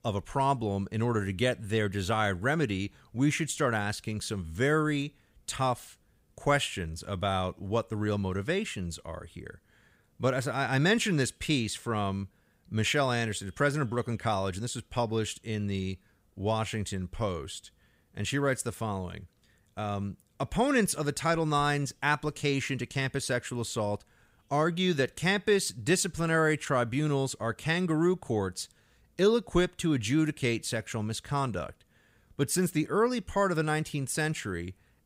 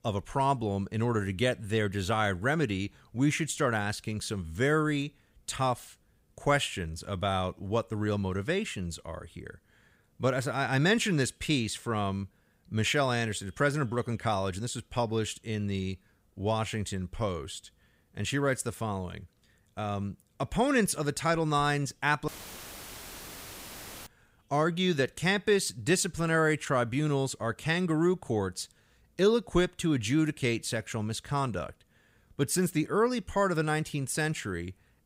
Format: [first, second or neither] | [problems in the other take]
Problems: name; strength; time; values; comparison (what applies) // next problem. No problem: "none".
first | audio cutting out; filled with static; at 22 s for 2 s